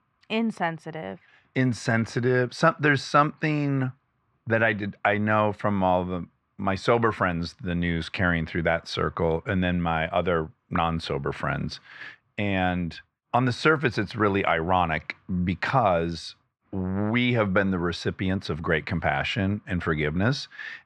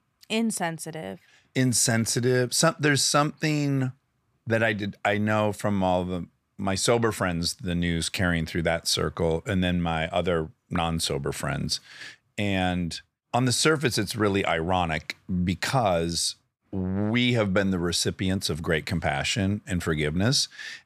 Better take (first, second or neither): second